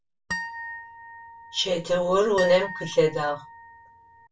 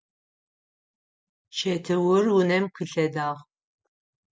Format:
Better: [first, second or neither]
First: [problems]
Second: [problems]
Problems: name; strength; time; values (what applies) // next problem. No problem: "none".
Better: second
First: background sound (Harp); 11 dB below the speech // room echo; dies away in 0.2 s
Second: none